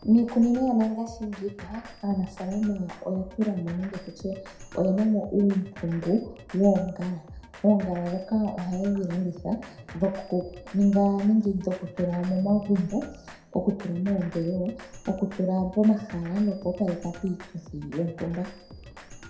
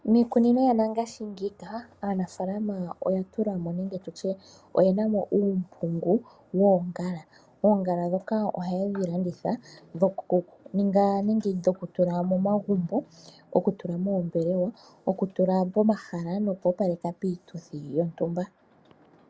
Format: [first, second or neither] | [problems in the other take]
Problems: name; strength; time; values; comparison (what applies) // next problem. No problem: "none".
second | background sound (Drum kit); 19 dB below the speech // room echo; dies away in 0.6 s